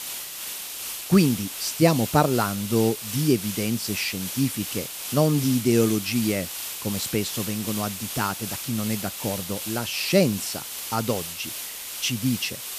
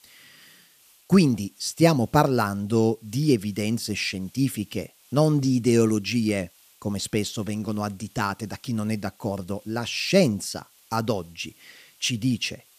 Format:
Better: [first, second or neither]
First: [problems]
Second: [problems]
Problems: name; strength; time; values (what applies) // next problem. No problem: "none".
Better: second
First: hiss; loud; throughout; 6 dB below the speech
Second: hiss; faint; throughout; 30 dB below the speech